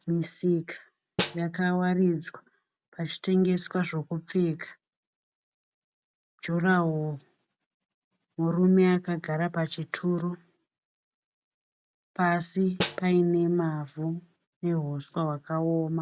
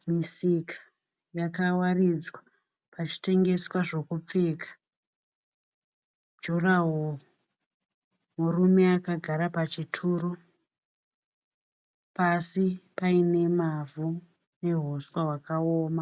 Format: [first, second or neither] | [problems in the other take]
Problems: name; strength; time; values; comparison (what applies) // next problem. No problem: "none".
second | background sound (Snare drum); 7 dB below the speech